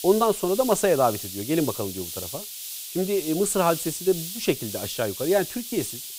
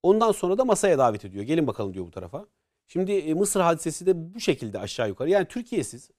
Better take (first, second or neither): second